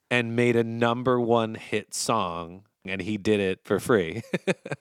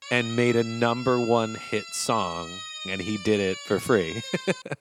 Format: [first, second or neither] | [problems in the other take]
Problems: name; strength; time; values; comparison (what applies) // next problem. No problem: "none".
first | siren; noticeable; peak 9 dB below the speech